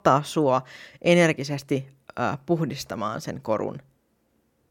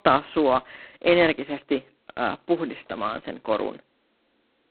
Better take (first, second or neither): first